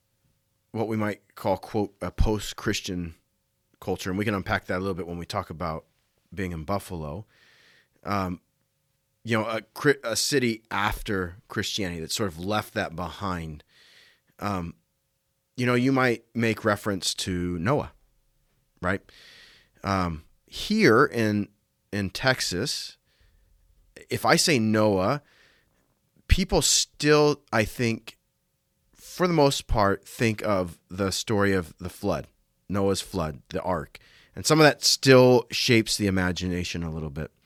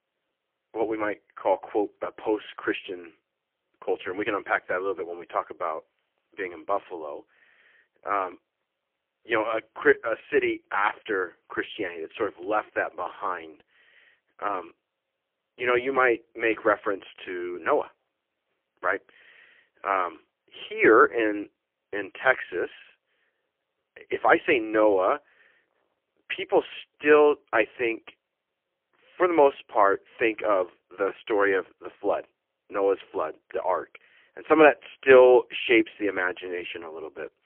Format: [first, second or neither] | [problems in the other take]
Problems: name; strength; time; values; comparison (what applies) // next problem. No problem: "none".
first | phone-call audio; poor line; nothing above 3 kHz